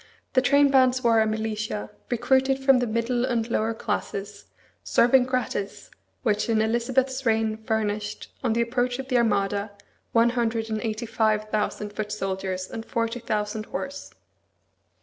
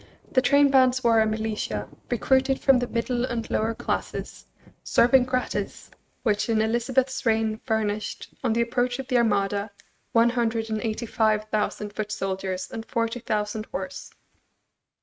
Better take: first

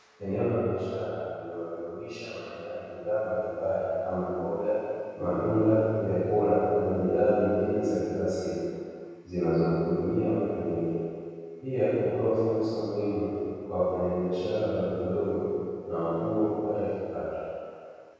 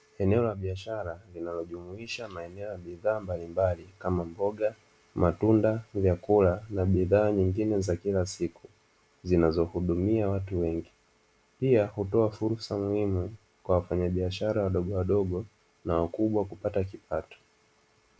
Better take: second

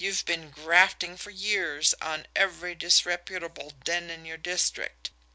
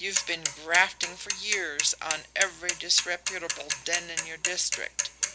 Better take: first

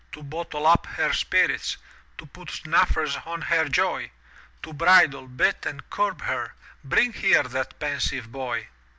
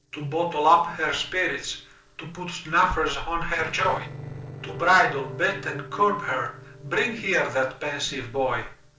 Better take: first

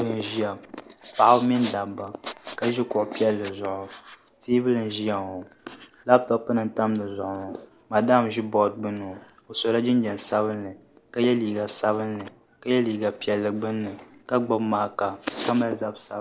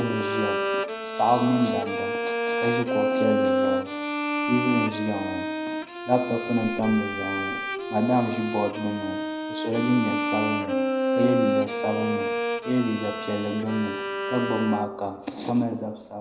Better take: first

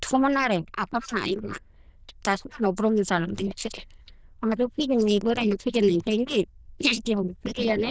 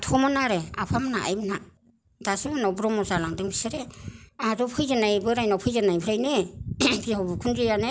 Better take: second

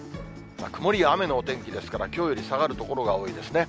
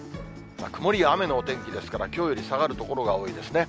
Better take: first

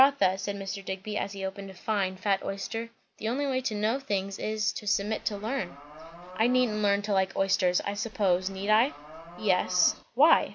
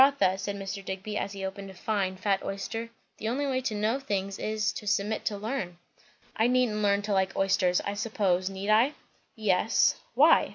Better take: second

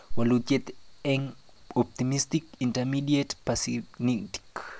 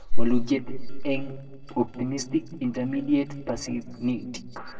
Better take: first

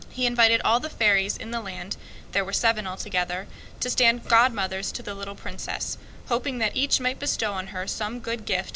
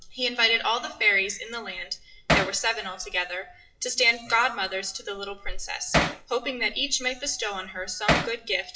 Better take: first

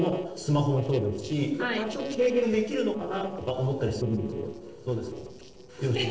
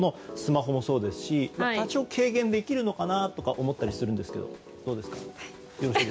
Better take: second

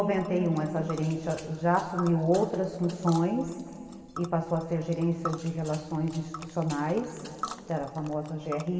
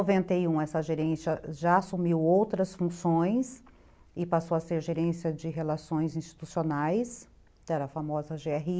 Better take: second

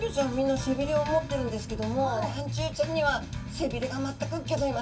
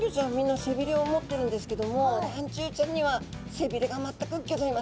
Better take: second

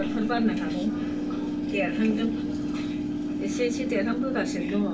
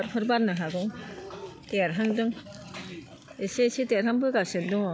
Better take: second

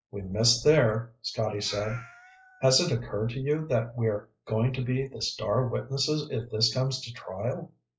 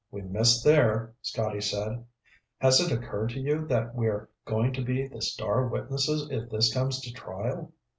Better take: second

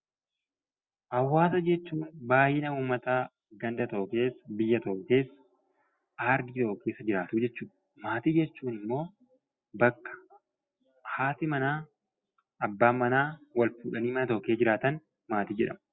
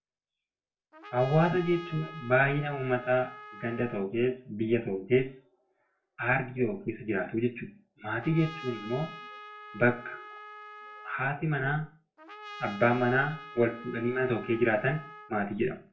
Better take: first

